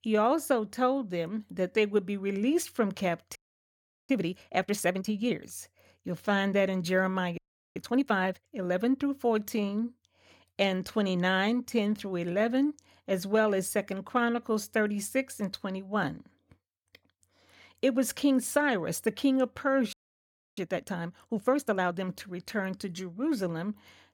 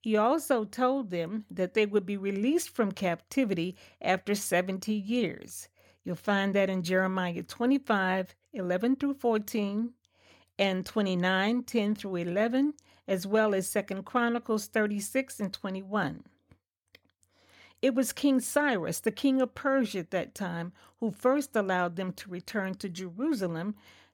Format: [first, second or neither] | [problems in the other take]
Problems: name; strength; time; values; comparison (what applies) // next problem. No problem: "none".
second | audio freezing; at 3.5 s for 0.5 s, at 7.5 s and at 20 s for 0.5 s